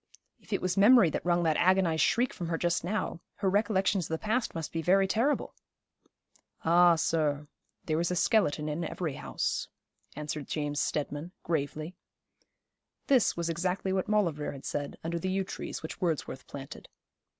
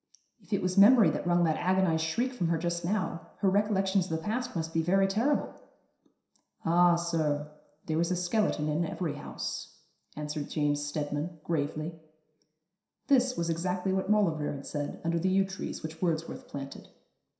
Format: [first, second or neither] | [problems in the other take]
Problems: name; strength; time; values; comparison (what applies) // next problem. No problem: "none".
first | room echo; dies away in 0.7 s